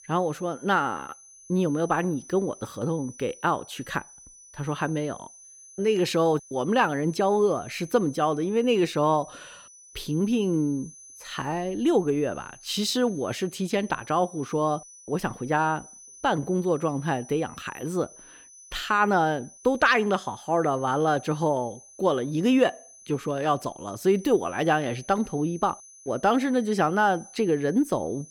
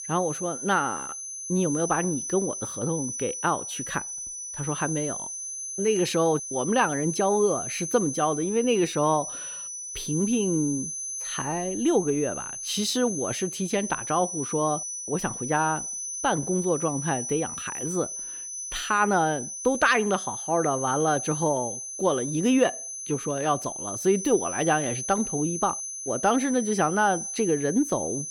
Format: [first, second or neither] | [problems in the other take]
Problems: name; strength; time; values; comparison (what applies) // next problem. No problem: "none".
first | high-pitched whine; loud; throughout; 6 kHz, 5 dB below the speech; faint in the first